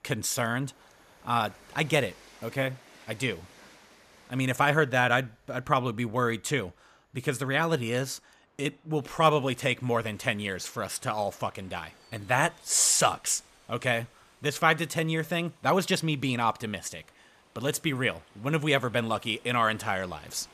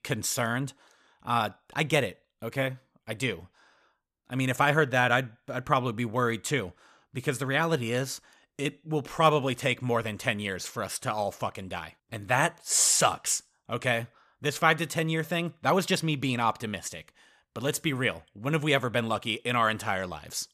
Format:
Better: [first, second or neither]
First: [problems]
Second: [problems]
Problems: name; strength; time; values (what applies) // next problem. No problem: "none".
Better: second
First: train or aircraft noise; faint; throughout; 30 dB below the speech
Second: none